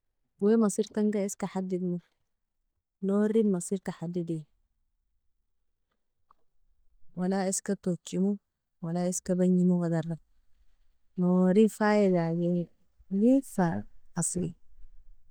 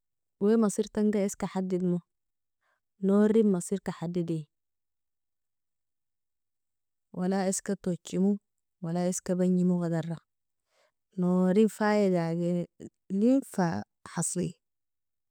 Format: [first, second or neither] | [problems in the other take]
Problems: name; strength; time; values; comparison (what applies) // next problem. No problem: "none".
second | noise reduction (neural mask model DeepFilterNet 3)